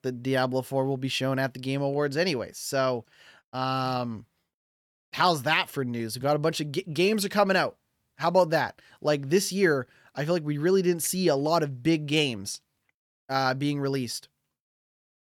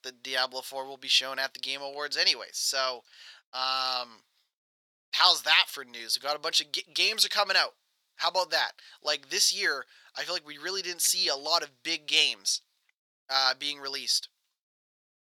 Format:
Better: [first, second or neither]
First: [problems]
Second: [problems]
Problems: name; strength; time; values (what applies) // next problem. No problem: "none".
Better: first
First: none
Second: thin; very; fading below 900 Hz